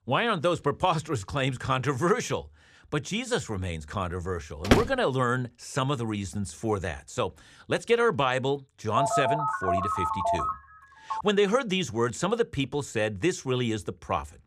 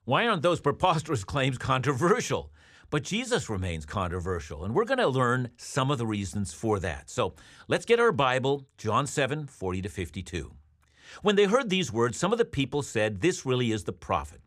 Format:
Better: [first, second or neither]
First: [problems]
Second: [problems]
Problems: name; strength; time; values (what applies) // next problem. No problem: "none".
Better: second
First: door banging; loud; at 4.5 s; peak 4 dB above the speech // phone ringing; loud; from 9 to 11 s; peak 2 dB above the speech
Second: none